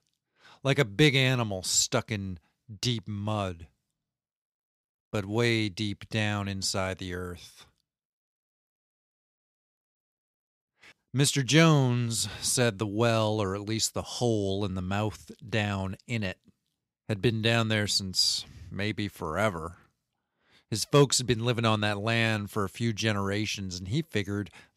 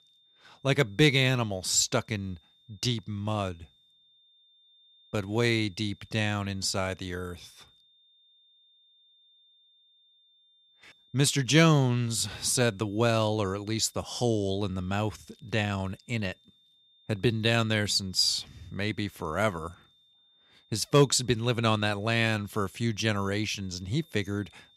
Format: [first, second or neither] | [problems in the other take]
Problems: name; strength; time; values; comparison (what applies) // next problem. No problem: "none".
first | high-pitched whine; faint; throughout; 3.5 kHz, 30 dB below the speech